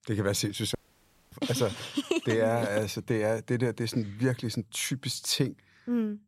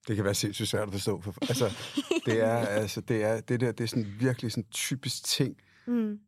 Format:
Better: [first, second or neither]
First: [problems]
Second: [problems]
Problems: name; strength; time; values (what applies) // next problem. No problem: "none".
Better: second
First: audio cutting out; at 1 s for 0.5 s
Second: none